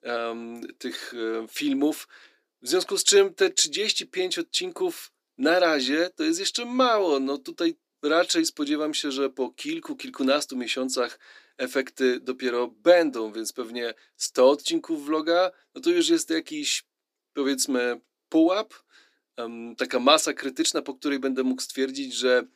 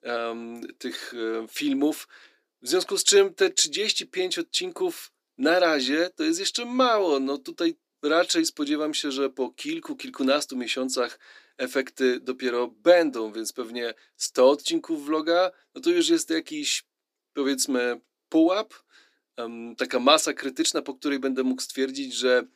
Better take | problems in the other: neither | thin; somewhat; fading below 300 Hz; the same in both

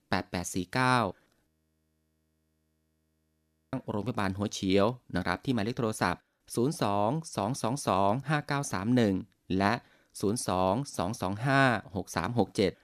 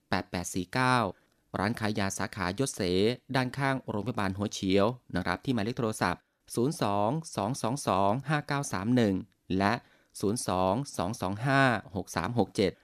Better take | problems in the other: second | audio freezing; at 1.5 s for 2.5 s

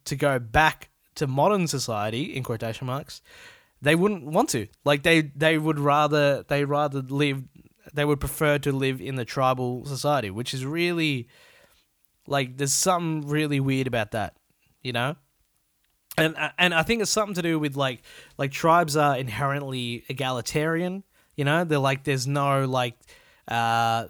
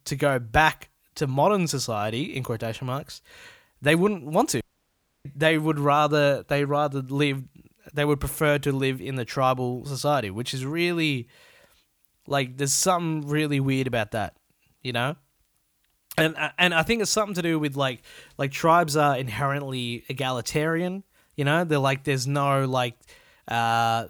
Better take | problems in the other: first | audio cutting out; at 4.5 s for 0.5 s

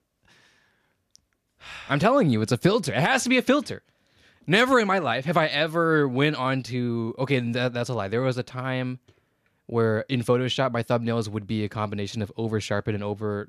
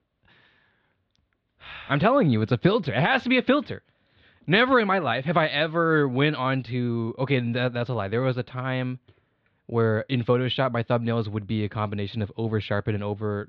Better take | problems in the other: first | muffled; slightly; fading above 4 kHz

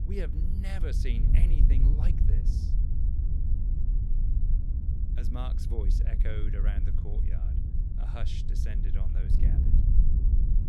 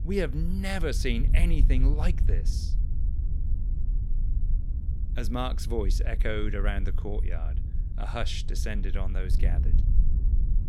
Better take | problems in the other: second | wind noise on the microphone; heavy; 1 dB below the speech; occasional gusts in the second

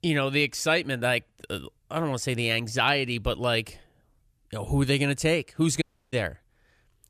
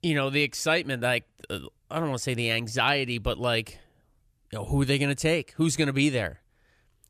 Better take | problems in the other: second | audio cutting out; at 6 s

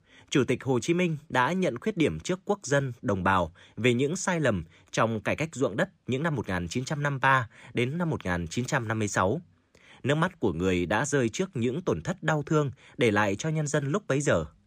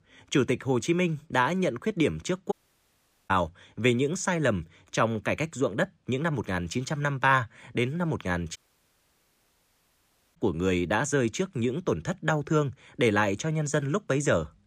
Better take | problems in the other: first | audio cutting out; at 2.5 s for 1 s and at 8.5 s for 2 s

